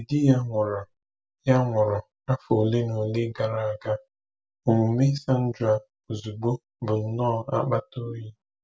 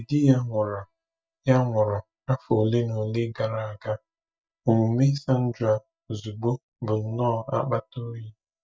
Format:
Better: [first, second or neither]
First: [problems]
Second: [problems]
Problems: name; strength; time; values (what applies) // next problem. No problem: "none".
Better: first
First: none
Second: noise reduction (neural mask model DeepFilterNet 3)